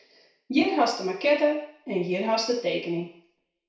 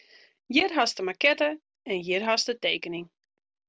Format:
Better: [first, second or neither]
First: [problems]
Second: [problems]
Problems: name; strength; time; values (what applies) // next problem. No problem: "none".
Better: second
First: room echo; dies away in 0.6 s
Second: none